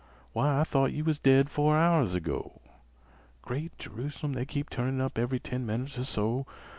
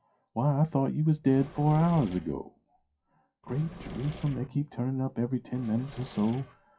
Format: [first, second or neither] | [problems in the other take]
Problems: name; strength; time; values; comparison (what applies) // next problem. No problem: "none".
first | noise reduction (classical method WPE with log-MMSE)